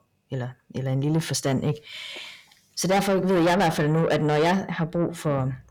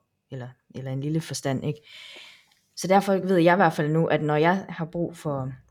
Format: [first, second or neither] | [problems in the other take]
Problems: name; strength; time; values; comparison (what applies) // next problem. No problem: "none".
second | distortion; heavy; 6 dB below the speech